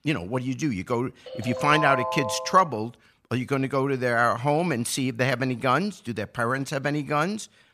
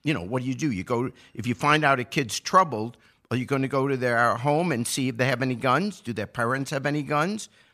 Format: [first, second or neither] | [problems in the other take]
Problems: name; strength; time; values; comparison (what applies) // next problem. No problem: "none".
second | phone ringing; noticeable; from 1.5 to 2.5 s; peak 2 dB below the speech